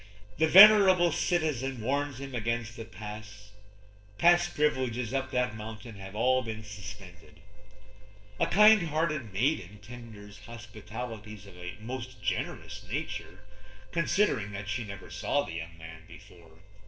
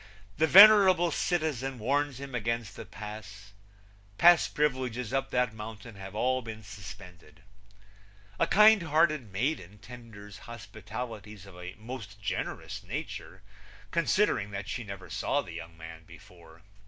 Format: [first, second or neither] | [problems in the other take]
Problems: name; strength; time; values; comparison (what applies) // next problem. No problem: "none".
second | noise reduction (neural separator model SepFormer DNS4)